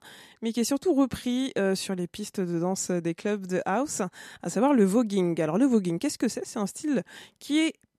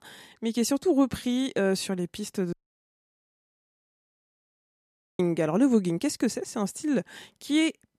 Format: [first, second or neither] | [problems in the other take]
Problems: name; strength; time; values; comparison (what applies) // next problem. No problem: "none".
first | audio cutting out; at 2.5 s for 2.5 s